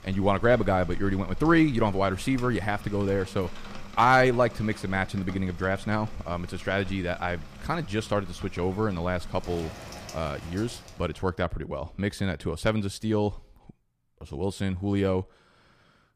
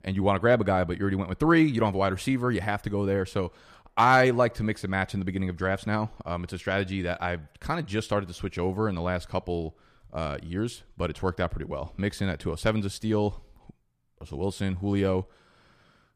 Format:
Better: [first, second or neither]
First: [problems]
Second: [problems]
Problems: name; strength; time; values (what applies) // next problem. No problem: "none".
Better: second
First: rain or running water; noticeable; until 11 s; 15 dB below the speech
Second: none